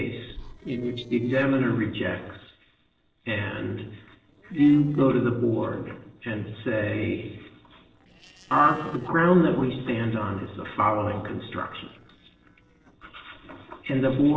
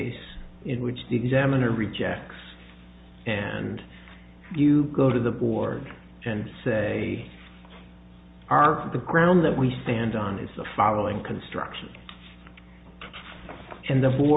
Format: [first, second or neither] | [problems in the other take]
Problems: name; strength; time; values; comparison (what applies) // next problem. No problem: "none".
second | noise reduction (neural separator model SepFormer DNS4)